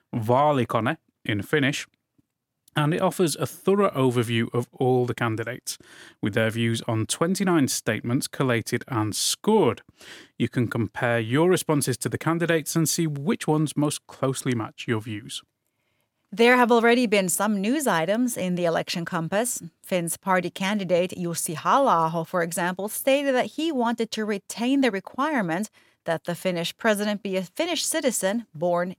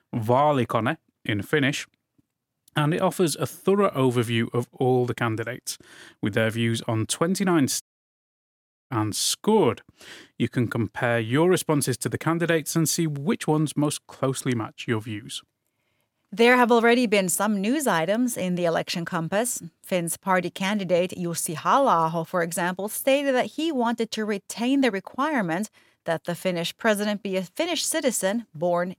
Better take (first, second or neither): first